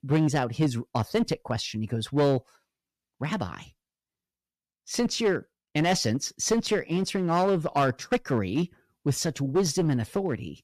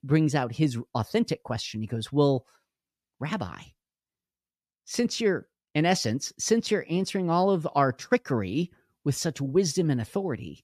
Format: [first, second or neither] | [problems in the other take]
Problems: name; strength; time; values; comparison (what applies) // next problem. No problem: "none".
second | distortion; slight; 5% of the sound clipped